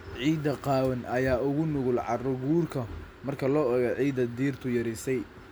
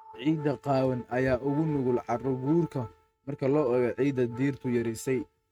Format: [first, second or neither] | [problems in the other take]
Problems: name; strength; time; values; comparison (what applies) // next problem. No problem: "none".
first | noise reduction (neural mask model RNNoise)